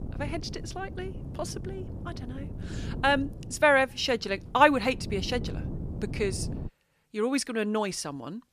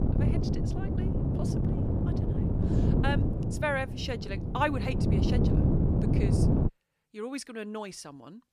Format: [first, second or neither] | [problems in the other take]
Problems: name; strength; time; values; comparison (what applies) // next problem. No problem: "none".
first | wind noise on the microphone; heavy; until 6.5 s; 2 dB below the speech; occasional gusts in the first